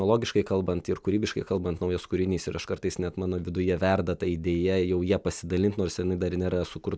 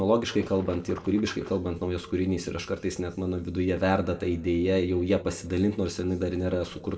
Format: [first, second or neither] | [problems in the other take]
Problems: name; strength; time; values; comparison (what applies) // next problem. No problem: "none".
first | noise reduction (neural separator model SepFormer DNS4)